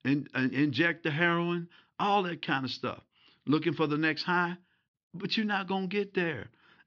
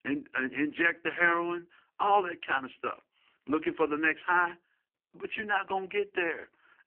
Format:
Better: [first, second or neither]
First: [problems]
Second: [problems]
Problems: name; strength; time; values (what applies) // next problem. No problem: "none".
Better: first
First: none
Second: phone-call audio; poor line; nothing above 3 kHz